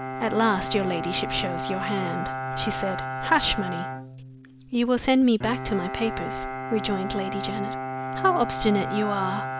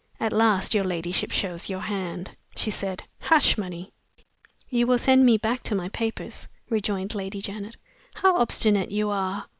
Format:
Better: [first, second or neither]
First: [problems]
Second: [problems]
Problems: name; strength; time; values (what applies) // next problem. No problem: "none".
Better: second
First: background sound (Bowed string instrument); 5 dB below the speech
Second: none